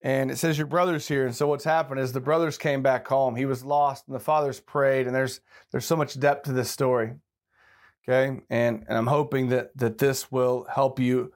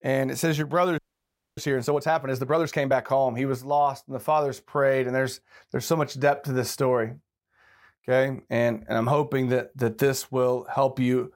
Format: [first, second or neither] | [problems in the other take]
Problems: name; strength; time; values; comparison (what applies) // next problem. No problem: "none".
first | audio freezing; at 1 s for 0.5 s